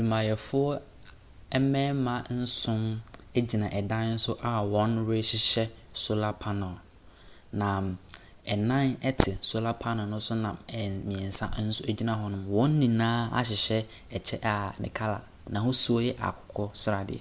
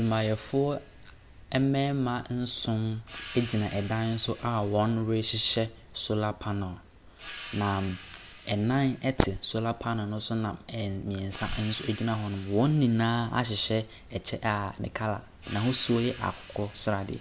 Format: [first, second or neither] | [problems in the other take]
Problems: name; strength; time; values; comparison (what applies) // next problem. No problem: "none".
first | background sound (Cymbal); 20 dB below the speech